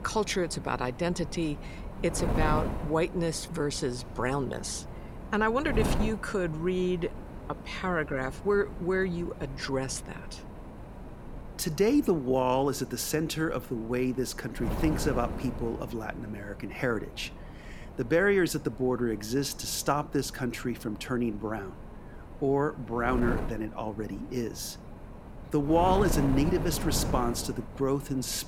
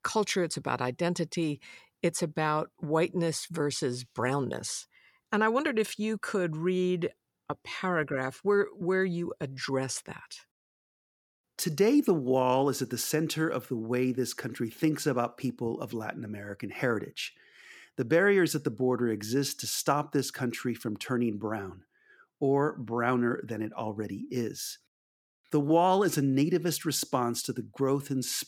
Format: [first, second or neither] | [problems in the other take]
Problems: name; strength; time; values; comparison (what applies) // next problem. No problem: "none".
second | wind noise on the microphone; occasional gusts; 10 dB below the speech